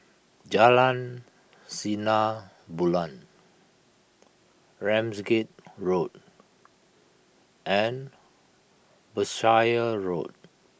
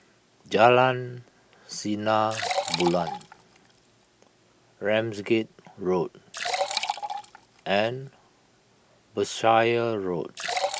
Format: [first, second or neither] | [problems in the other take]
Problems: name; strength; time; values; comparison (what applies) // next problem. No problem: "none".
first | background sound (Liquid); 9 dB below the speech